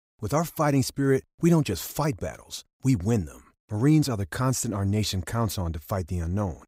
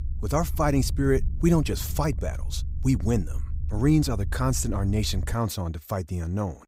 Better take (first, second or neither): first